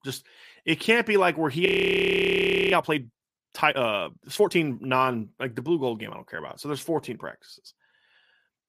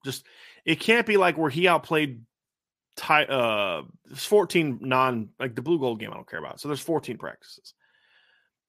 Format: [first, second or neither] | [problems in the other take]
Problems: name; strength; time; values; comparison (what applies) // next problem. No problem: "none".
second | audio freezing; at 1.5 s for 1 s